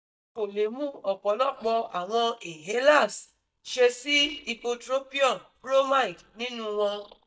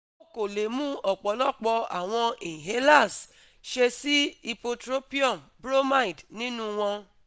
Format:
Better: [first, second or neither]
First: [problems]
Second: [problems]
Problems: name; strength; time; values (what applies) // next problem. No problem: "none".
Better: second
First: noise reduction (neural mask model DeepFilterNet 3)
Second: none